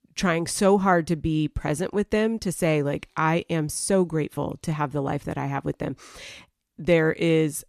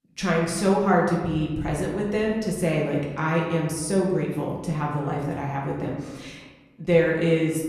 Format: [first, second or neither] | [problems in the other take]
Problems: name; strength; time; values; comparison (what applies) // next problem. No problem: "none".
first | room echo; noticeable; dies away in 1 s // off-mic speech; far